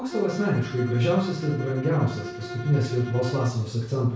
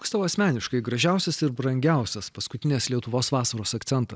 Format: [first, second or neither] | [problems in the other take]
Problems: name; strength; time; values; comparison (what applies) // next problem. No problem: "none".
second | background sound (Bowed string instrument); 13 dB below the speech // room echo; dies away in 0.6 s